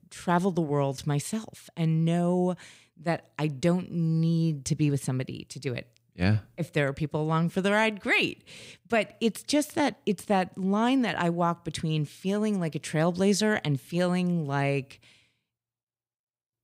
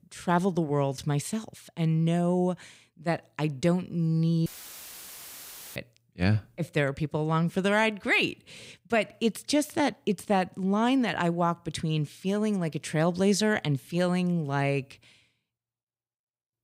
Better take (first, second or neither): first